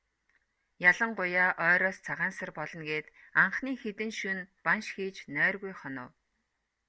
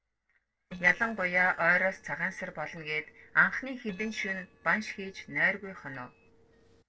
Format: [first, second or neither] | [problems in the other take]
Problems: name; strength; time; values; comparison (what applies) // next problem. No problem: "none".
first | noise reduction (neural separator model SepFormer DNS4)